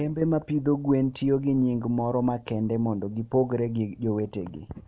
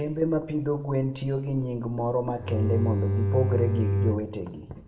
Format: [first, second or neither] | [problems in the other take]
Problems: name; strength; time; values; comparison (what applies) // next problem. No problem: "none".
first | background sound (Bowed string instrument); 2 dB above the speech // room echo; dies away in 0.7 s